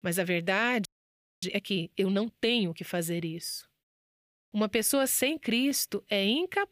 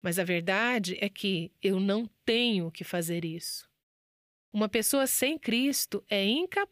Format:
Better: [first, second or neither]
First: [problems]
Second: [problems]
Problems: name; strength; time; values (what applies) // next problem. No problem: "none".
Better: second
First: audio freezing; at 1 s for 0.5 s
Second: none